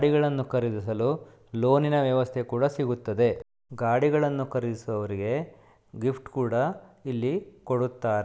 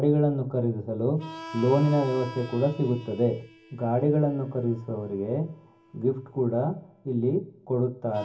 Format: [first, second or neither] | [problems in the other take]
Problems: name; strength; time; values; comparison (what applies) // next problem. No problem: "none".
first | background sound (Harmonica); 19 dB below the speech // room echo; dies away in 0.4 s